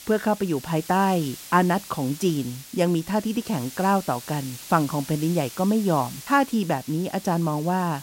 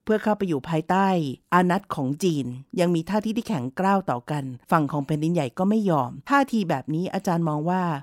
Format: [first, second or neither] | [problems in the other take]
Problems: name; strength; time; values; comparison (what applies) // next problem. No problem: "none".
second | hiss; noticeable; throughout; 15 dB below the speech